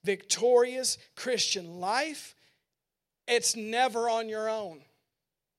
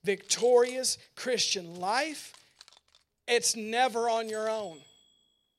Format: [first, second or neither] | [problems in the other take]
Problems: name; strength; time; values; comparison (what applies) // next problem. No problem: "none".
first | household noises; faint; throughout; 25 dB below the speech